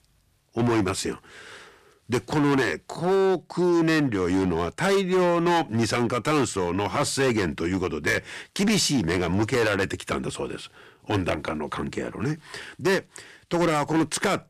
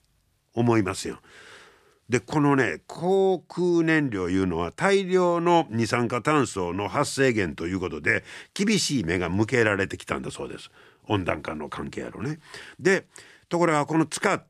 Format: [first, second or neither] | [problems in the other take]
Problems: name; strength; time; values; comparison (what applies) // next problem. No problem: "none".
second | distortion; heavy; 11% of the sound clipped